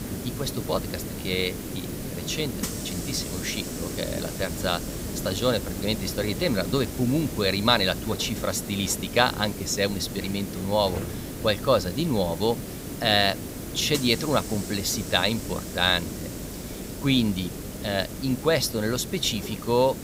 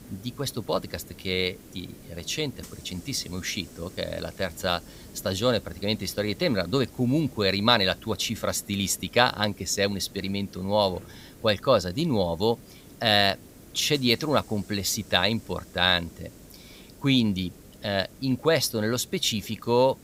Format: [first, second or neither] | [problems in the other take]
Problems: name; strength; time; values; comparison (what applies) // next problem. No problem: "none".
second | hiss; loud; throughout; 8 dB below the speech; faint in the second